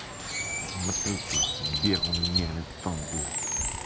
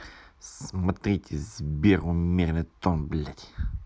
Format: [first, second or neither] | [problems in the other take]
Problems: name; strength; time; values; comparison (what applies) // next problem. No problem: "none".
second | background sound (Bird); 3 dB above the speech